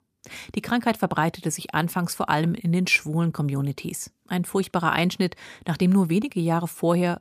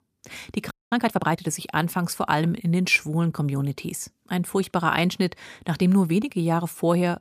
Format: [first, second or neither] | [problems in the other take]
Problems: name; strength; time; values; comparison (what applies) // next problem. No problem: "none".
first | audio freezing; at 0.5 s